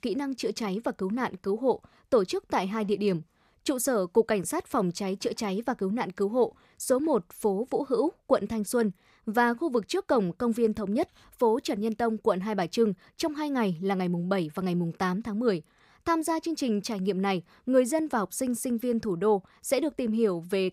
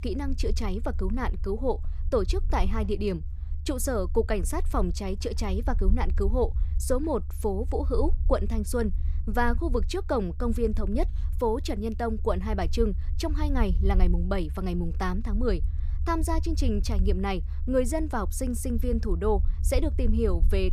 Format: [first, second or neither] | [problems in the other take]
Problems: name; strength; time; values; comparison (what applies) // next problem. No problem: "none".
first | low rumble; noticeable; throughout; 20 dB below the speech